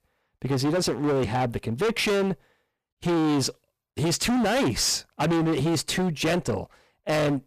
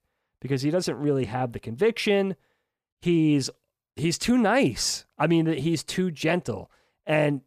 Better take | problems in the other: second | distortion; heavy; 25% of the sound clipped

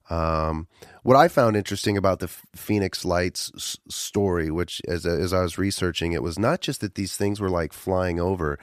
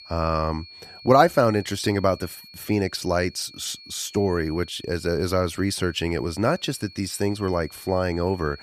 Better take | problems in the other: first | high-pitched whine; noticeable; throughout; 4.5 kHz, 20 dB below the speech

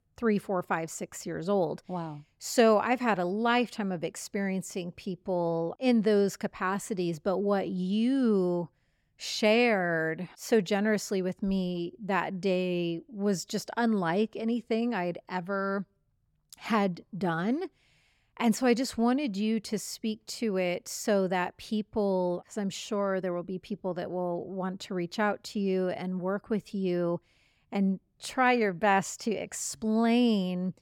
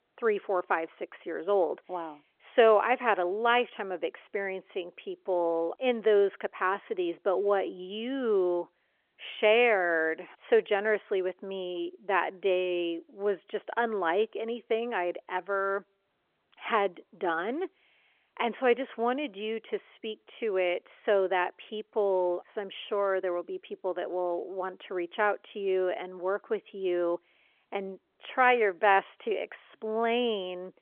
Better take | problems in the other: first | phone-call audio

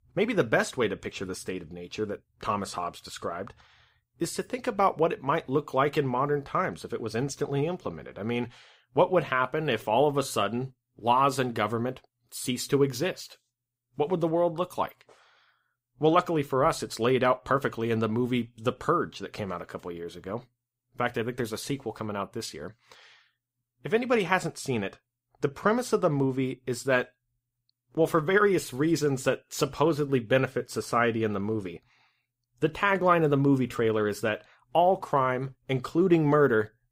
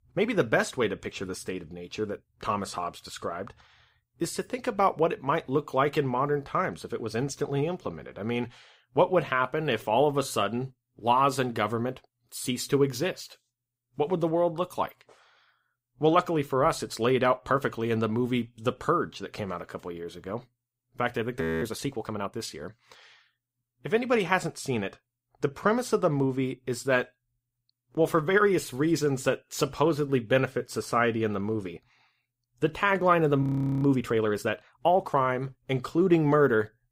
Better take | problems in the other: first | audio freezing; at 21 s and at 33 s

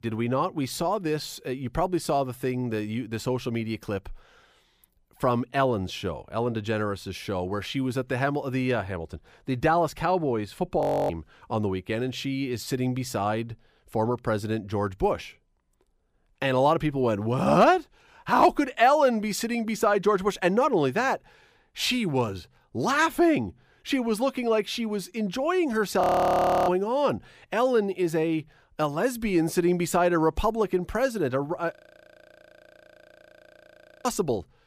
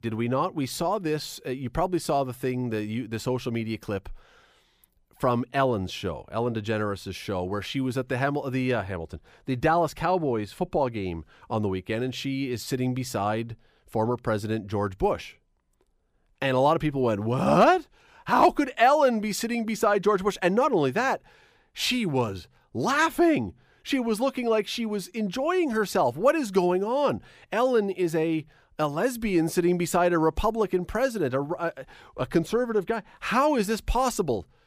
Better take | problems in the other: second | audio freezing; at 11 s, at 26 s for 0.5 s and at 32 s for 2.5 s

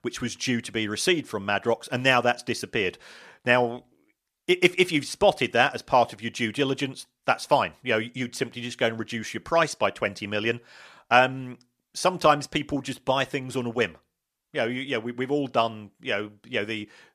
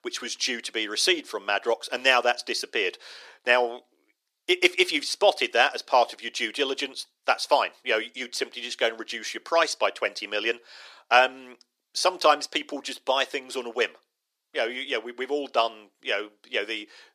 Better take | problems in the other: first | thin; somewhat; fading below 350 Hz

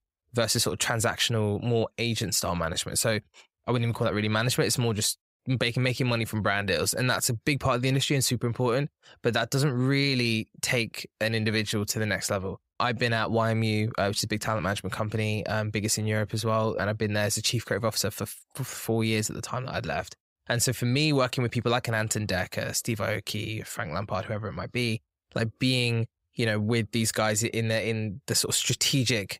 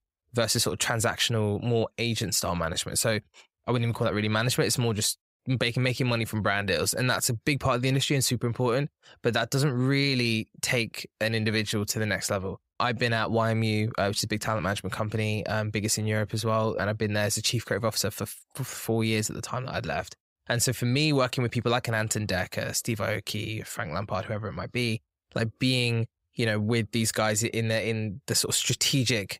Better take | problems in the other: neither | none

